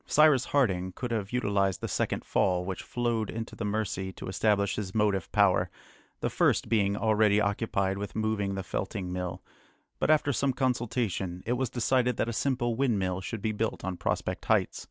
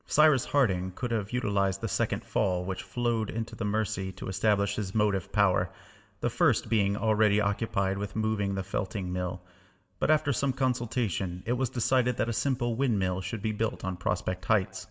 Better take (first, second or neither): first